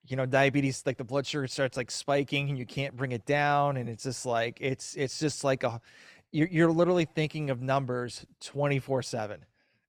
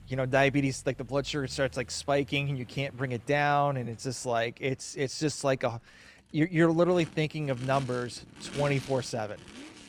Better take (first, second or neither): first